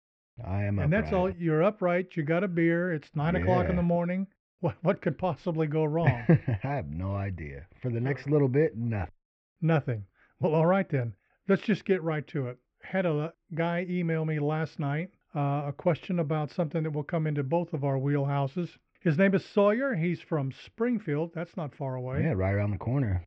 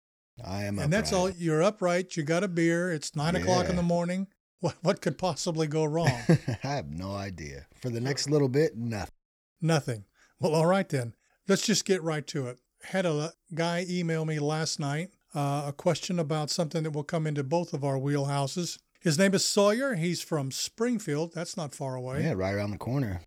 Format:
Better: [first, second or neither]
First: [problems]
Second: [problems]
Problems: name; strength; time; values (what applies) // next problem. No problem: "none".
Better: second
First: muffled; very; fading above 2.5 kHz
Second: none